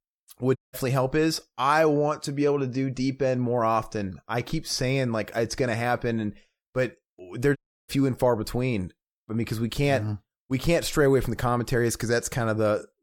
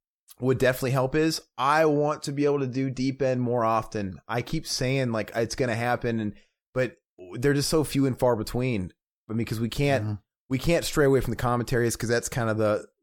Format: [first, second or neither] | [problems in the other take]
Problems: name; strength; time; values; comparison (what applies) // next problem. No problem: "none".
second | audio cutting out; at 0.5 s and at 7.5 s